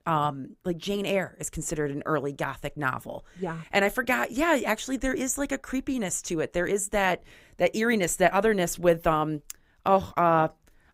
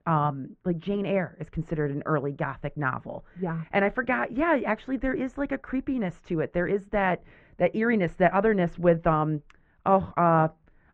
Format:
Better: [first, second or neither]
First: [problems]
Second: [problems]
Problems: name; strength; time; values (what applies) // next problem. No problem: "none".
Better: first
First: none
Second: muffled; very; fading above 2 kHz